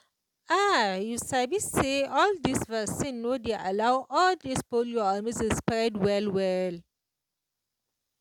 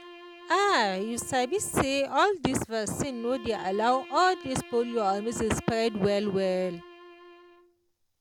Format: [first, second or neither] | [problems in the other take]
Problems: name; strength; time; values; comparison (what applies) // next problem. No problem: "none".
first | background sound (Bowed string instrument); 19 dB below the speech